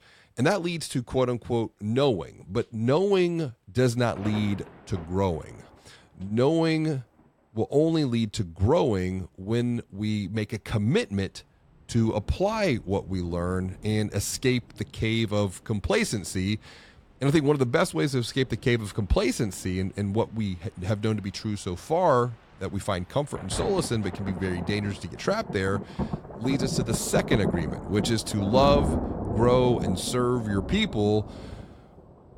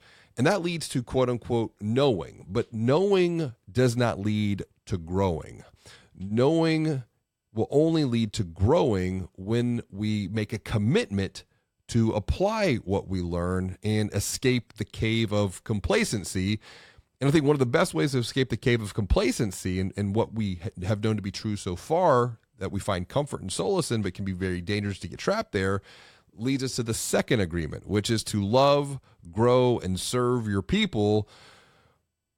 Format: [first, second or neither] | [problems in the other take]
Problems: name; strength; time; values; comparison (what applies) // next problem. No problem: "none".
second | rain or running water; loud; throughout; 7 dB below the speech